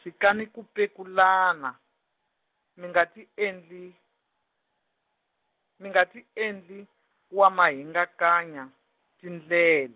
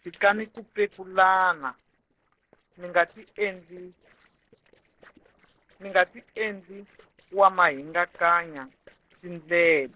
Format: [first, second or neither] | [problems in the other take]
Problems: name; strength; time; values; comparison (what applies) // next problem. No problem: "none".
first | noise reduction (neural separator model SepFormer DNS4)